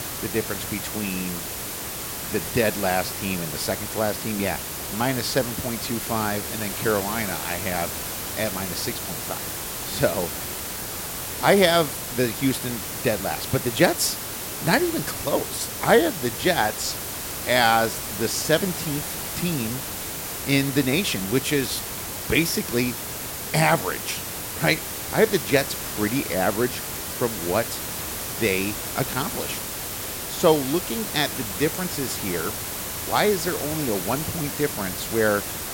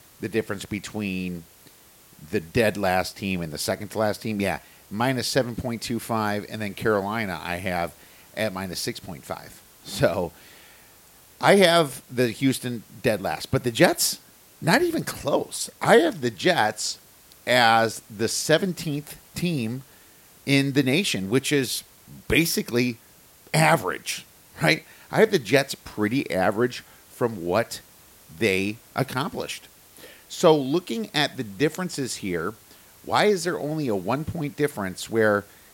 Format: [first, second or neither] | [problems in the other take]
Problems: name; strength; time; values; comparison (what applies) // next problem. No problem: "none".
second | hiss; loud; throughout; 4 dB below the speech; faint in the second